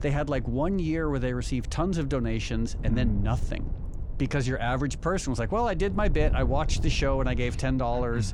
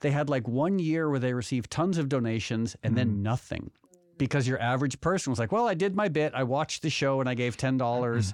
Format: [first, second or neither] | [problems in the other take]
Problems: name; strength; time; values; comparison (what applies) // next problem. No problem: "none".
second | wind noise on the microphone; occasional gusts; 20 dB below the speech